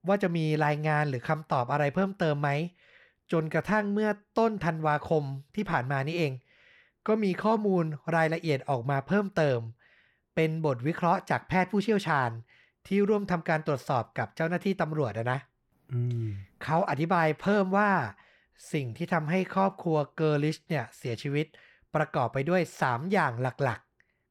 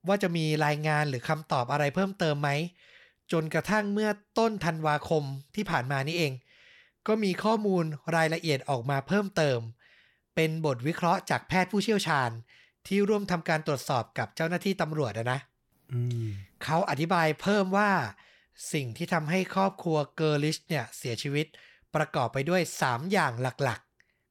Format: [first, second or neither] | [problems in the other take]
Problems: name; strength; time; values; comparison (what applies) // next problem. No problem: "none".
second | muffled; slightly; fading above 3 kHz